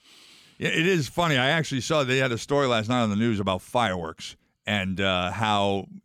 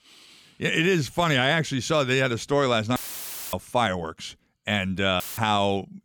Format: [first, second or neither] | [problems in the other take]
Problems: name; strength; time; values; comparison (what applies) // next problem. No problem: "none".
first | audio cutting out; filled with static; at 3 s for 0.5 s and at 5 s